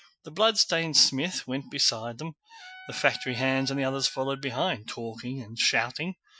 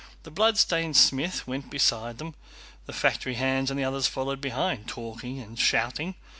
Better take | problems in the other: second | noise reduction (classical method Wiener filter)

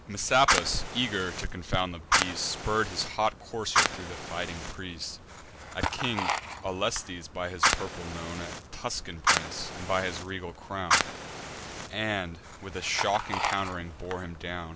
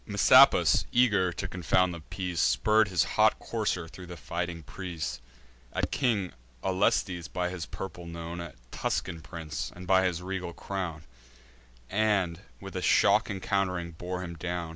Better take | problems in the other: second | background sound (Fire); as loud as the speech

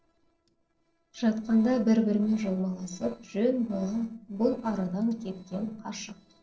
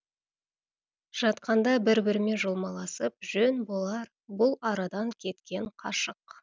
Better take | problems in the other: second | noise reduction (neural separator model SepFormer DNS4)

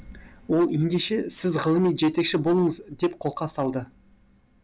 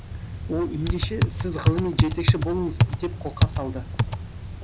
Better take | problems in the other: first | background sound (Typing); 5 dB above the speech

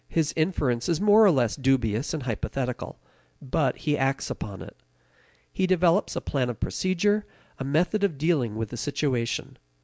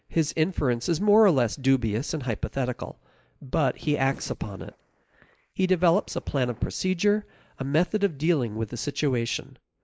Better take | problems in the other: first | noise reduction (neural mask model Resemble Enhance denoiser)

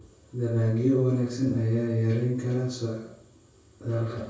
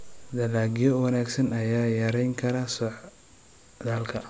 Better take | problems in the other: second | room echo; dies away in 0.6 s

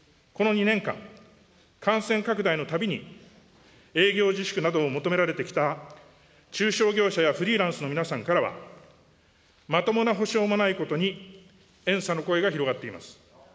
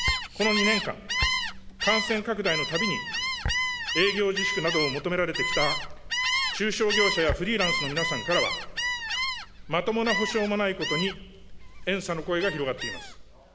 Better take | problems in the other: first | background sound (Gull, seagull); 1 dB below the speech

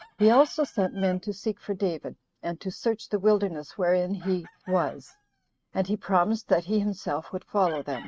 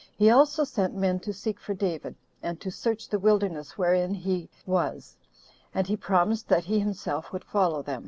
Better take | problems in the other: second | noise reduction (neural mask model RNNoise)

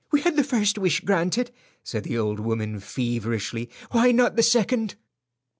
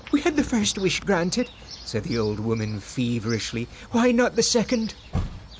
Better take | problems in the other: first | background sound (Chirp, tweet); 13 dB below the speech

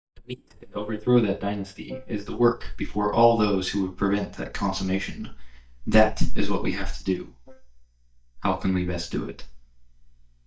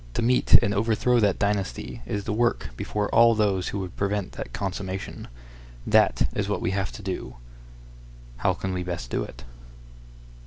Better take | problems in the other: second | noise reduction (neural mask model DeepFilterNet 3)

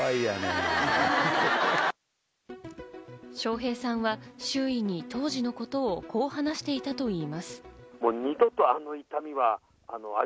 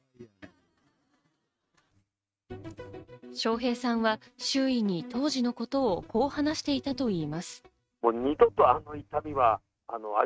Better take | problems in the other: first | noise reduction (neural mask model RNNoise)

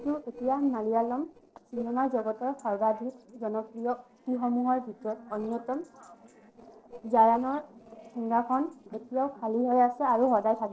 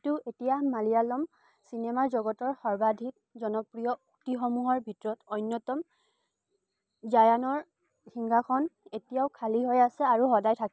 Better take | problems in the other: second | noise reduction (neural separator model SepFormer DNS4)

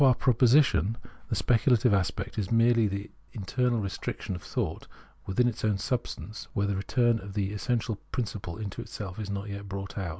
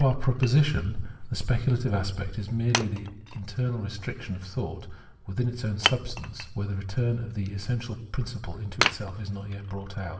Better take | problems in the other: first | background sound (Wood); 8 dB below the speech // room echo; dies away in 0.8 s

